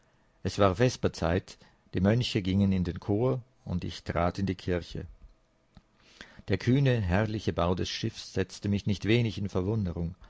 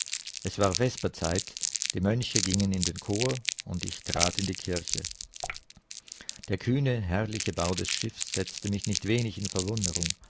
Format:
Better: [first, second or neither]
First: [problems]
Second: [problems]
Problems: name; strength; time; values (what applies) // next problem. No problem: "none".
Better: first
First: none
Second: background sound (Crumpling, crinkling + Drip / Water); 4 dB below the speech